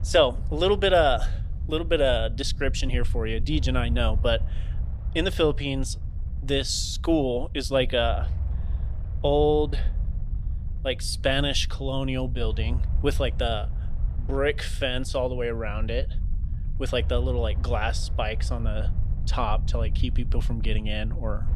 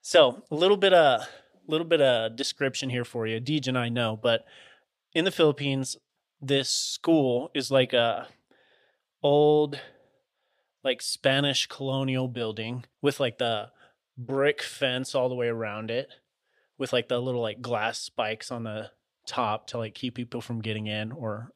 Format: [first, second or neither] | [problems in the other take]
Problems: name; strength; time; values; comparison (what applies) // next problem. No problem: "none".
second | low rumble; faint; throughout; 20 dB below the speech